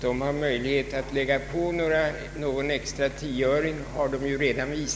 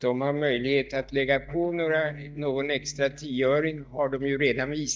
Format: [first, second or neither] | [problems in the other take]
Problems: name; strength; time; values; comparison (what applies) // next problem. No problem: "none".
first | noise reduction (neural mask model DeepFilterNet 3)